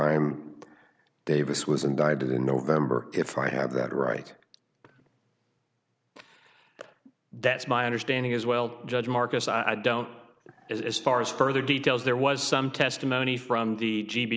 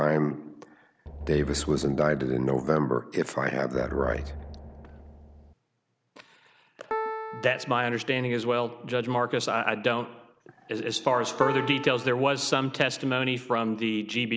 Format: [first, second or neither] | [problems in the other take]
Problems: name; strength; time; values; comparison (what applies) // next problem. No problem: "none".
first | background sound (Drum + Piano); 10 dB below the speech